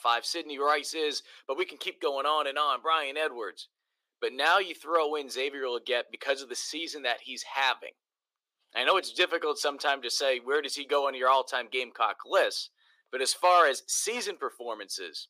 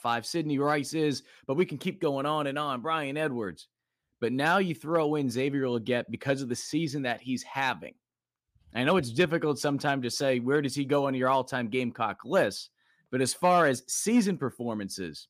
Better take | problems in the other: second | thin; very; fading below 400 Hz

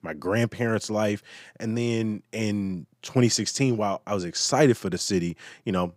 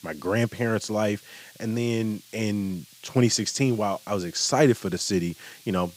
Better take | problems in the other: first | hiss; faint; throughout; 25 dB below the speech

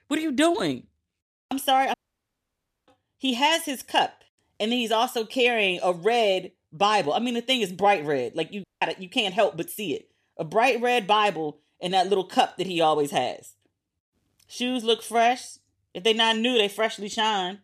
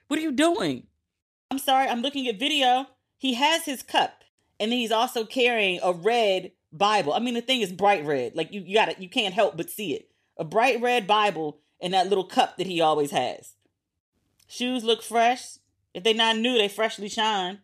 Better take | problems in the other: second | audio cutting out; at 2 s for 1 s and at 8.5 s

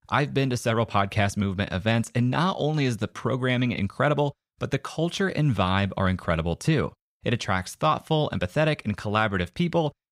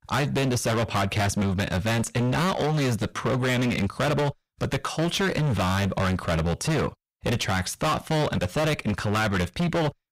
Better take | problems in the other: first | distortion; heavy; 30% of the sound clipped

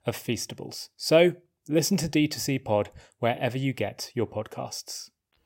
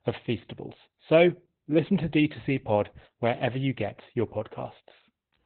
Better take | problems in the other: first | garbled, watery; badly; nothing above 3.5 kHz

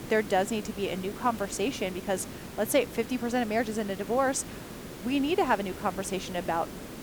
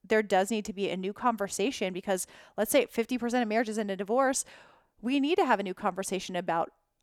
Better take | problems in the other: second | hiss; noticeable; throughout; 10 dB below the speech

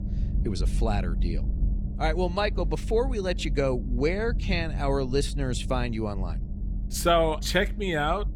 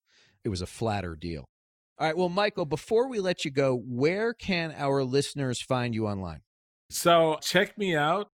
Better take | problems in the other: second | low rumble; noticeable; throughout; 20 dB below the speech

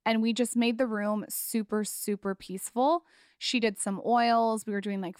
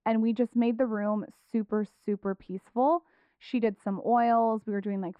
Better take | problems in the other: first | muffled; very; fading above 4 kHz

